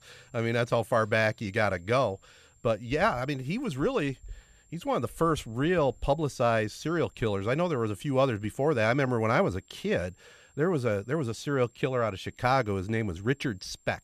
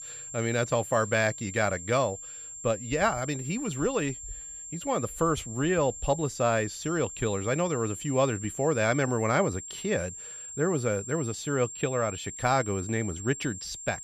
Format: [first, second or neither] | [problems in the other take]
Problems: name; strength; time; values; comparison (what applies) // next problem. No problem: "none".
first | high-pitched whine; loud; throughout; 7.5 kHz, 10 dB below the speech; faint in the first